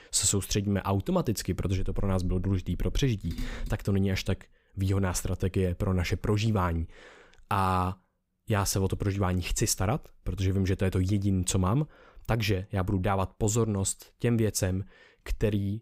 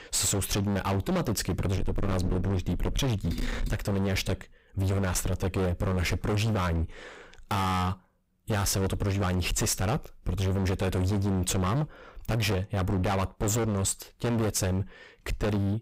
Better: first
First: none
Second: distortion; heavy; 33% of the sound clipped

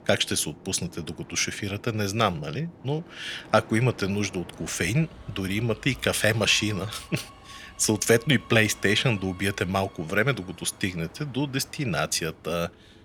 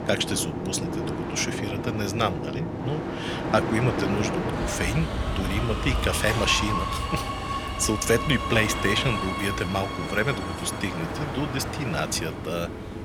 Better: first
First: train or aircraft noise; faint; throughout; 20 dB below the speech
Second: train or aircraft noise; loud; throughout; 2 dB below the speech

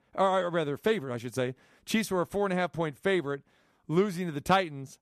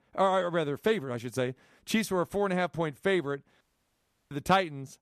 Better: first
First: none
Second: audio cutting out; at 3.5 s for 0.5 s

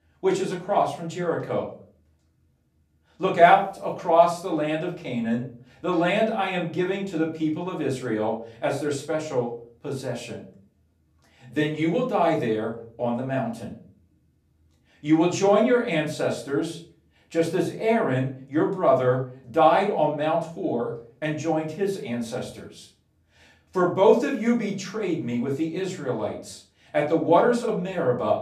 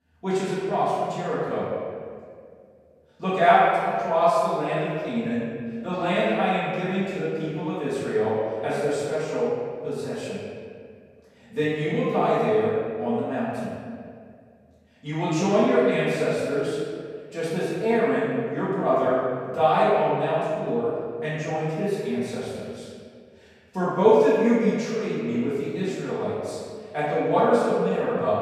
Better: first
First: room echo; slight; dies away in 0.3 s // off-mic speech; far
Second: room echo; strong; dies away in 1.8 s // off-mic speech; far

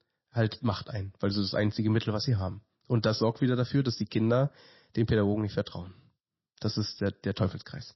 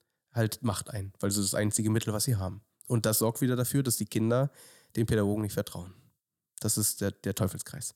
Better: second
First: garbled, watery; slightly; nothing above 5.5 kHz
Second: none

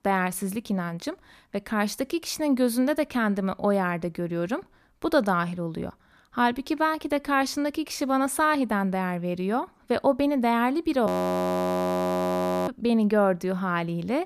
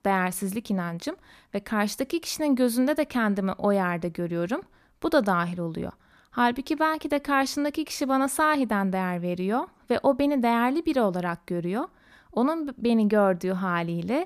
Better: second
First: audio freezing; at 11 s for 1.5 s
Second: none

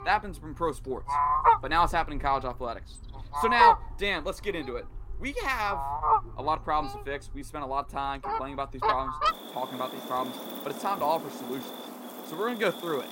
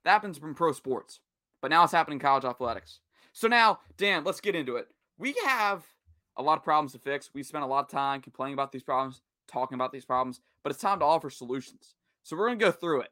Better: second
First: animal sounds; very loud; throughout; 2 dB above the speech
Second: none

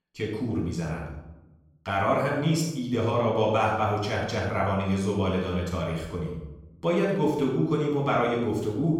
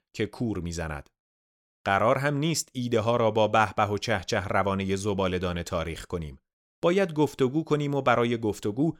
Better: second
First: off-mic speech; far // room echo; noticeable; dies away in 0.8 s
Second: none

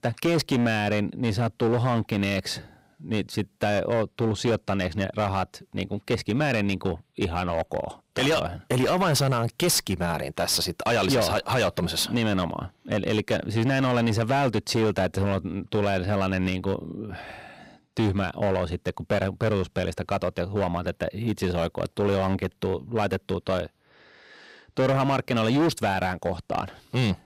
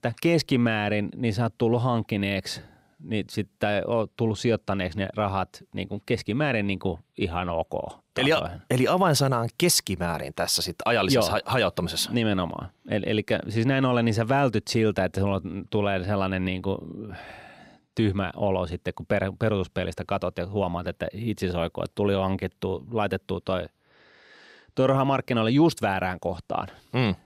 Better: second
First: distortion; slight; 12% of the sound clipped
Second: none

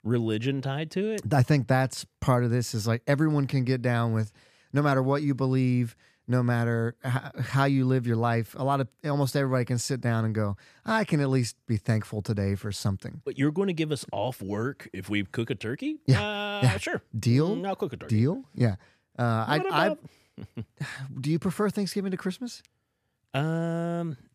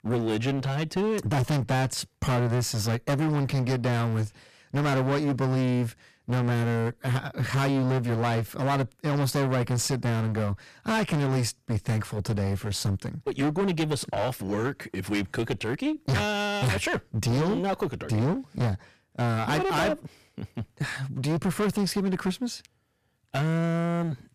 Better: first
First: none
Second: distortion; heavy; 22% of the sound clipped

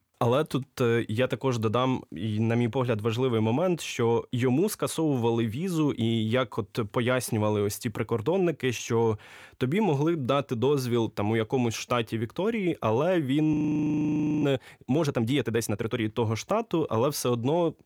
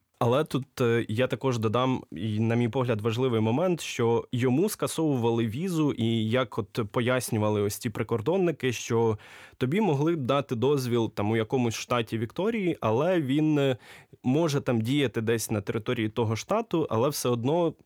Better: second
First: audio freezing; at 14 s for 1 s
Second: none

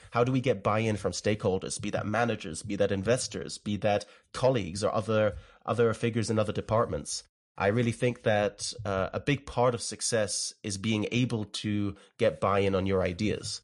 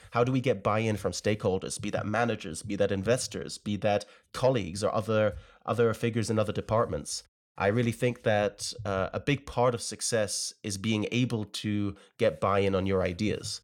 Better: second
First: garbled, watery; slightly; nothing above 10.5 kHz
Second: none

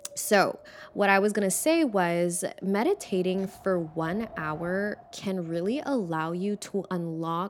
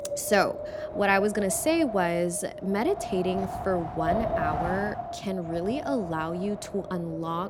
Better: first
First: wind noise on the microphone; occasional gusts; 20 dB below the speech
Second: wind noise on the microphone; heavy; 4 dB below the speech

